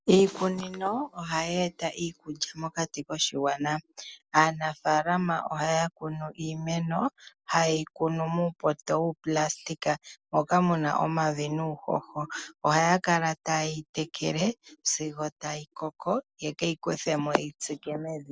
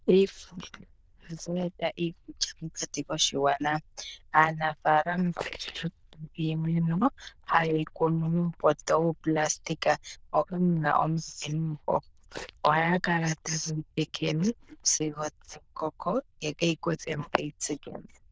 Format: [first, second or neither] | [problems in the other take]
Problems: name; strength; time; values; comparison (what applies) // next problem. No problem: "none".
first | noise reduction (neural diffusion model UNIVERSE++)